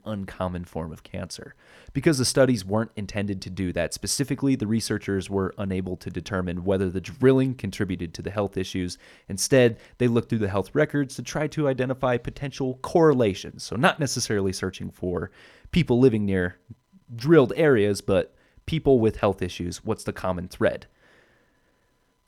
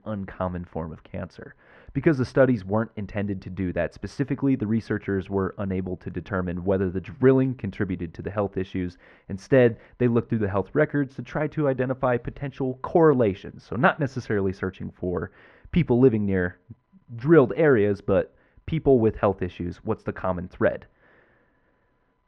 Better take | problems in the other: first | muffled; very; fading above 1.5 kHz

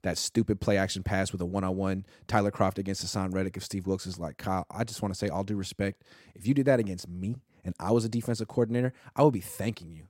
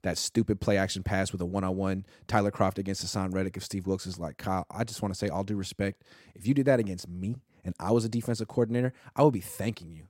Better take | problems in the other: neither | none

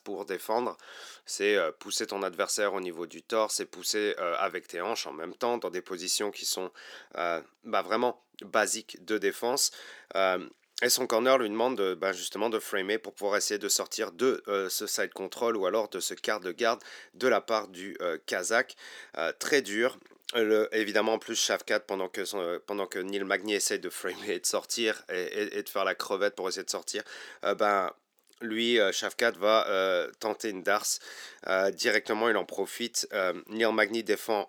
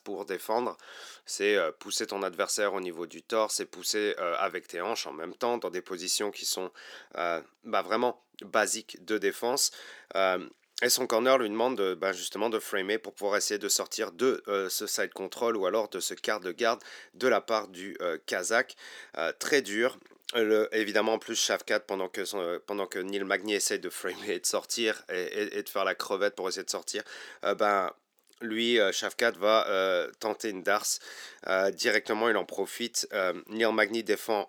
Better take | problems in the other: neither | thin; somewhat; fading below 300 Hz; the same in both

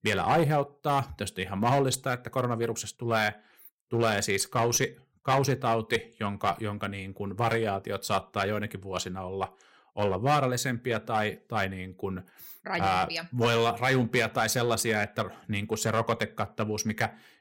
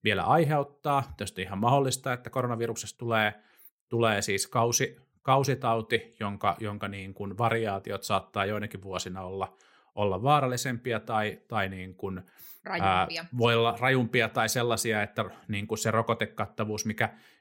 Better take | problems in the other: second | distortion; slight; 5% of the sound clipped

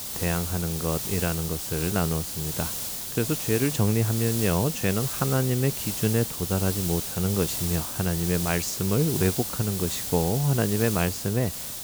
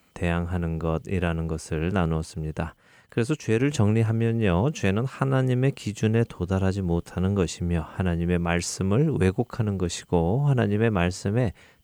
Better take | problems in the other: second | hiss; loud; throughout; 3 dB below the speech

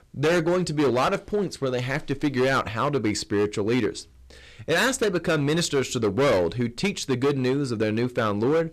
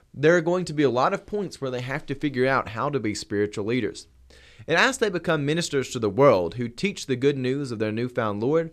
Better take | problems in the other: second | distortion; heavy; 13% of the sound clipped

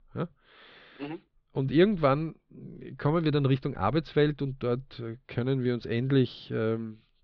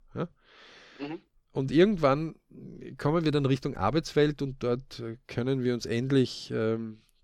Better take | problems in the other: second | muffled; slightly; fading above 4 kHz

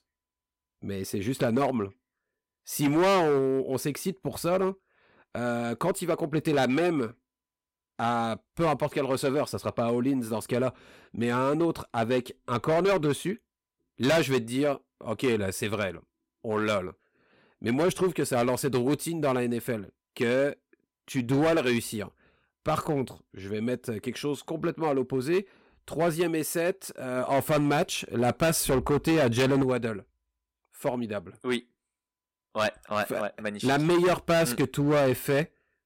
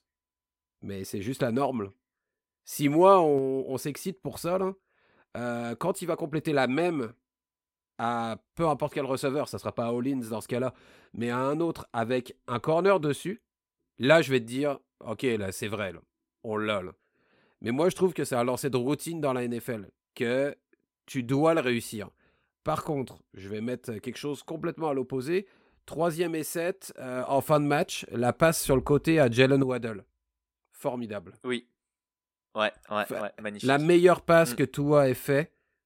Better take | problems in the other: second | distortion; heavy; 7% of the sound clipped

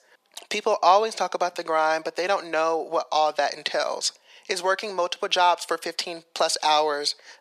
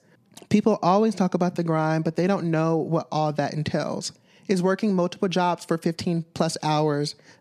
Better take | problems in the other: second | thin; very; fading below 600 Hz

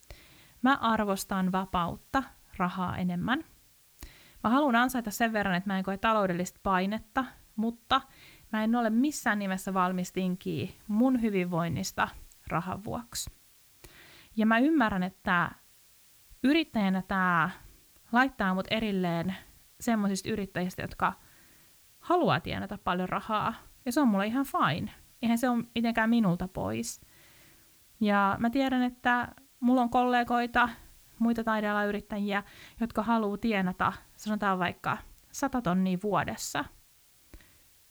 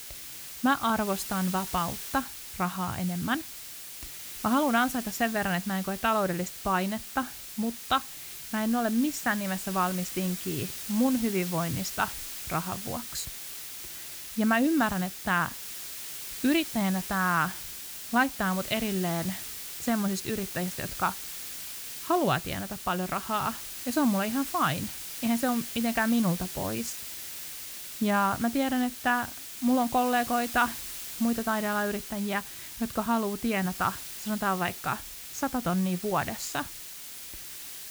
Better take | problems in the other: first | hiss; loud; throughout; 8 dB below the speech; faint in the first

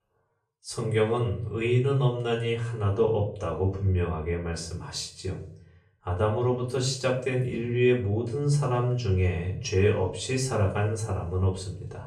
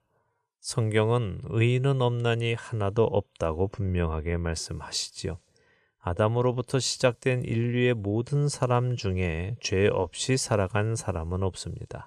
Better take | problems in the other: second | room echo; slight; dies away in 0.4 s // off-mic speech; far

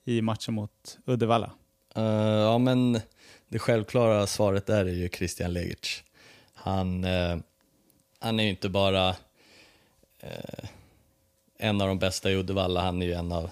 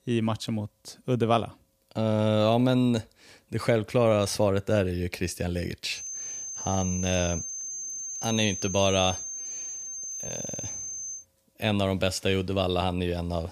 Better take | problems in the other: first | high-pitched whine; loud; from 6 to 11 s; 6.5 kHz, 6 dB below the speech

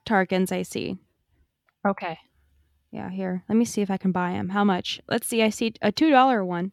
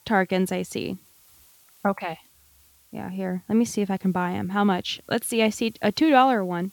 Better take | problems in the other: first | hiss; faint; throughout; 30 dB below the speech

